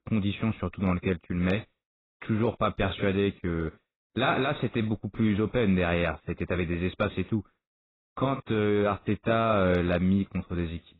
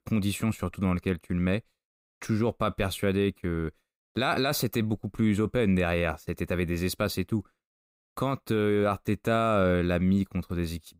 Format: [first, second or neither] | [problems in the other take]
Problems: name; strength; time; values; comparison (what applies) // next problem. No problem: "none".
second | garbled, watery; badly; nothing above 4 kHz